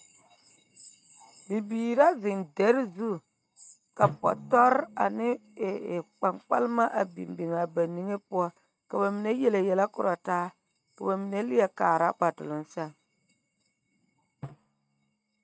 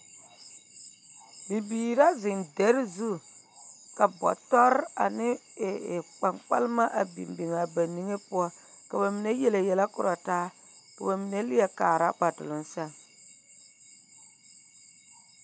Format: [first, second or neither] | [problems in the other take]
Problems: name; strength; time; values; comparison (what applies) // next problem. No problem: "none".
second | noise reduction (neural mask model RNNoise)